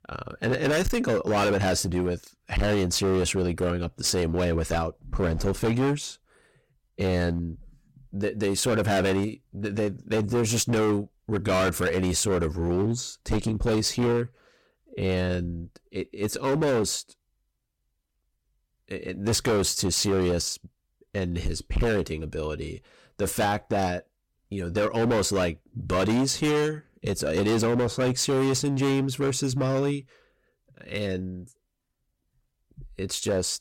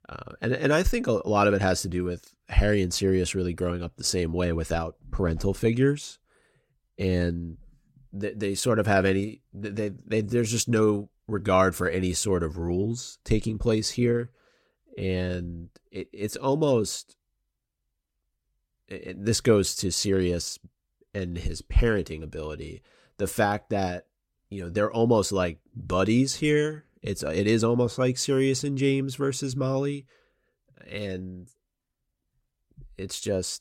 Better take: second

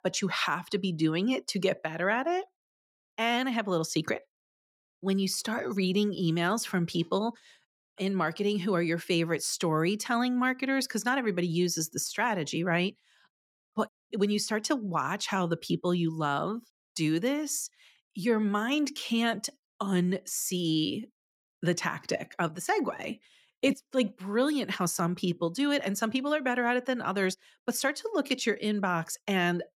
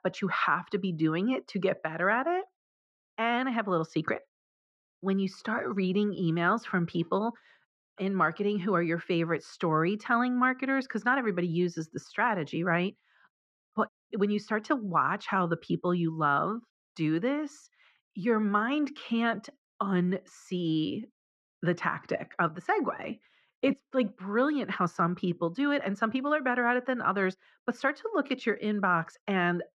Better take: first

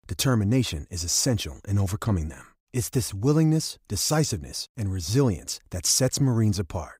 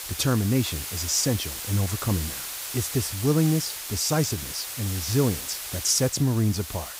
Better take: first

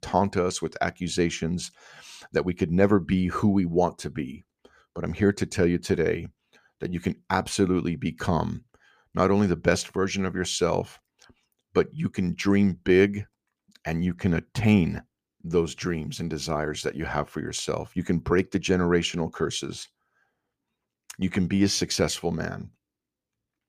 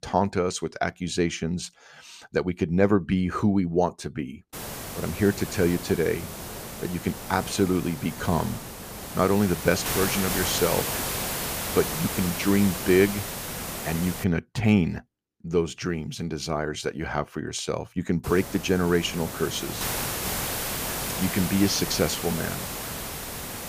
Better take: first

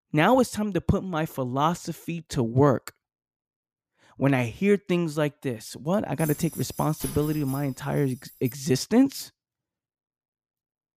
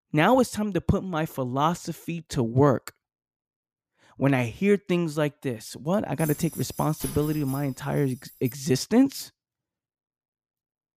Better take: neither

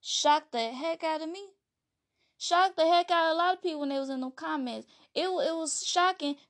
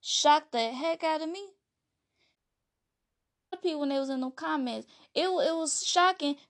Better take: first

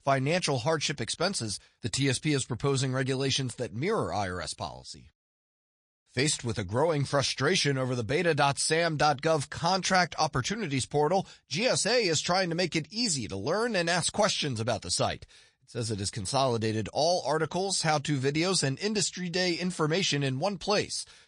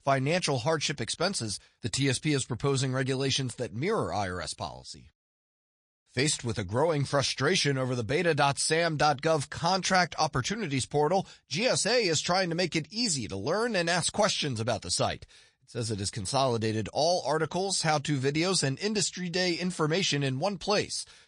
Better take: neither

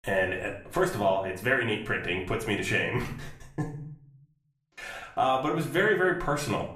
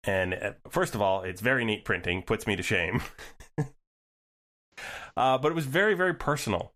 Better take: second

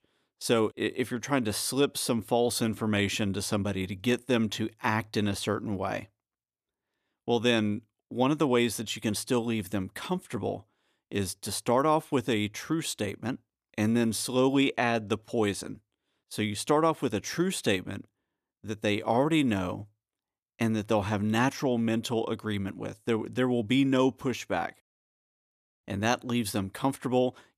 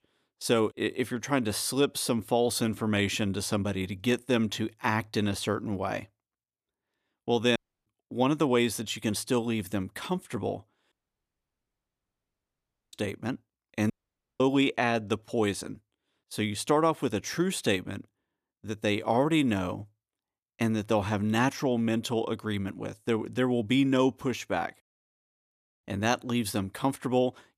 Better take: first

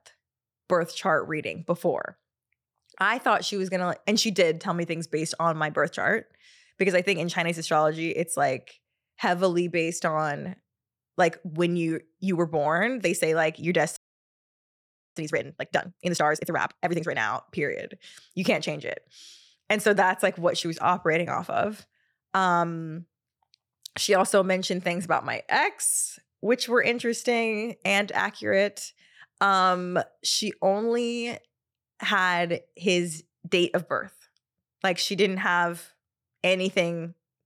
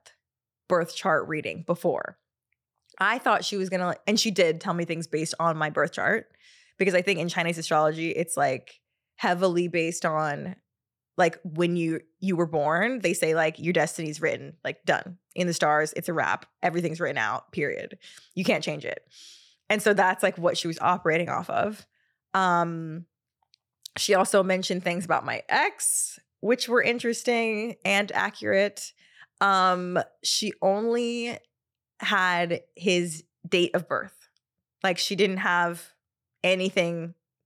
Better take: second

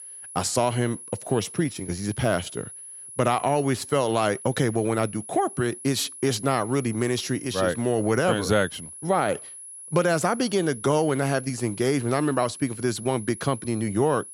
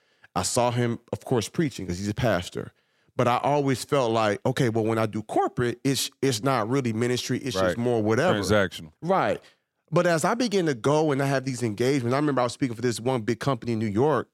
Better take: second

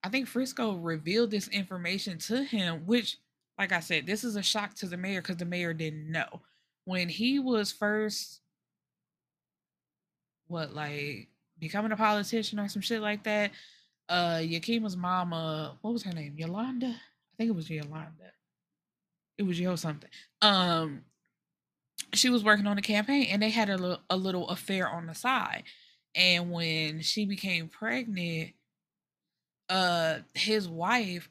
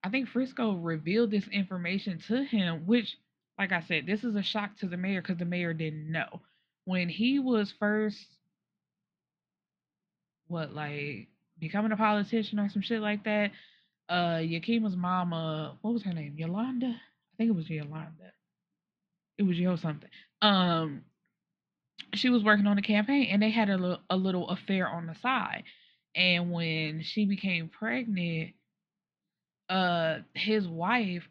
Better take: first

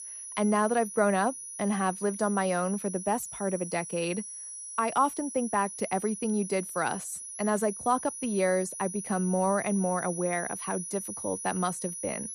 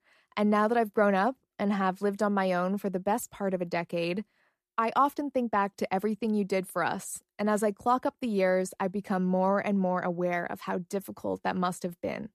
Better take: second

